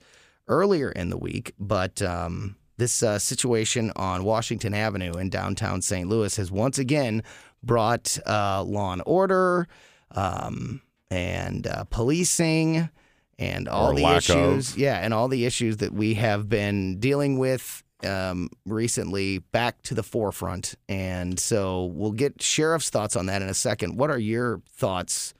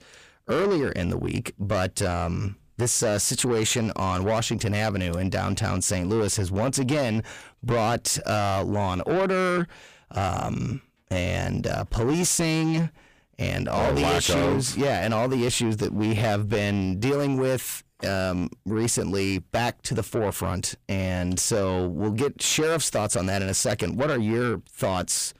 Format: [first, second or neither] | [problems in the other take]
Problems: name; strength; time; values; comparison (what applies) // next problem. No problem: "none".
first | distortion; heavy; 8 dB below the speech